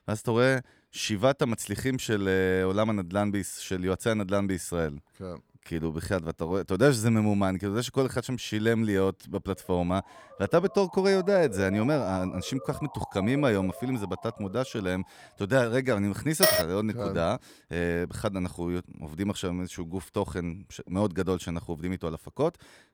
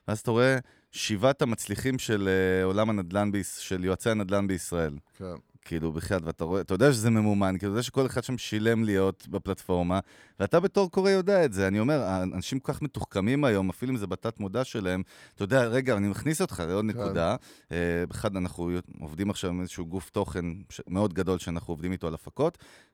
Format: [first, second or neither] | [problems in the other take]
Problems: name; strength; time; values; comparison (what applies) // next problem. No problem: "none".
second | siren; faint; from 9.5 to 15 s; peak 10 dB below the speech // clattering dishes; loud; at 16 s; peak 6 dB above the speech